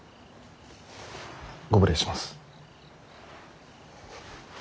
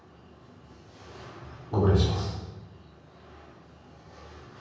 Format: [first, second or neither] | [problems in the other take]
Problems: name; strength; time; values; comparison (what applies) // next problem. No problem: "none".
first | room echo; dies away in 1.3 s